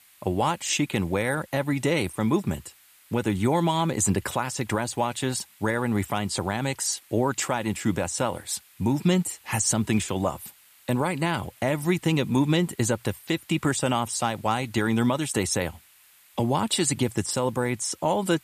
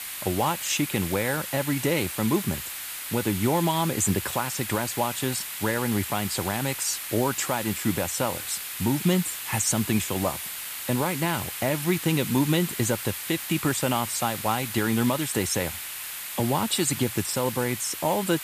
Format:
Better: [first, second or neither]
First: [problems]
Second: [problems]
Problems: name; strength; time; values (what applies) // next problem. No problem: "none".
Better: first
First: hiss; faint; throughout; 25 dB below the speech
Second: hiss; loud; throughout; 6 dB below the speech